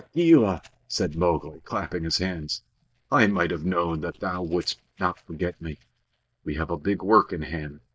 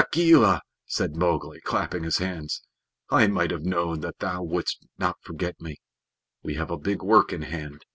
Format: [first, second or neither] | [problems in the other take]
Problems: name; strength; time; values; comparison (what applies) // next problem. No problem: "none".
second | noise reduction (neural mask model DeepFilterNet 3)